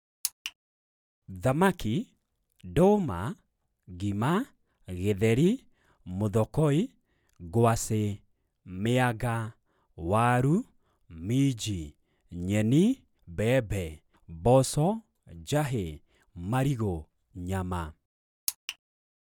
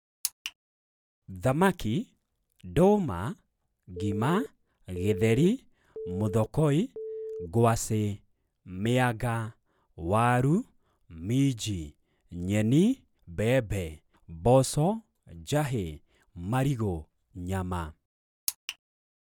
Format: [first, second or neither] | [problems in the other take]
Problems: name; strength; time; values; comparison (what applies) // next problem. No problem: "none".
first | background sound (Telephone); 10 dB below the speech